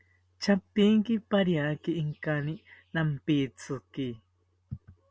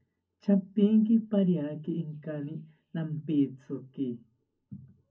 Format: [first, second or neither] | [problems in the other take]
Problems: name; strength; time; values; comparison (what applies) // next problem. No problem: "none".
first | room echo; dies away in 0.4 s